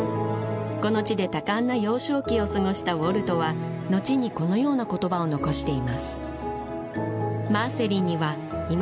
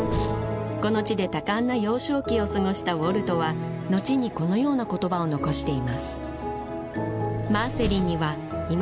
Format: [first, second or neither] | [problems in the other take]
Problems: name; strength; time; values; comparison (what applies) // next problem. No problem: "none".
first | background sound (Train); 15 dB below the speech